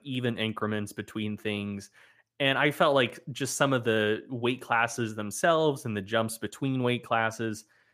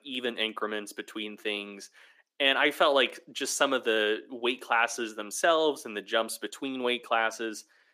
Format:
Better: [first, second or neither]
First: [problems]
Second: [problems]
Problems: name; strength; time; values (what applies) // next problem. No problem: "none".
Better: first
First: none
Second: thin; somewhat; fading below 300 Hz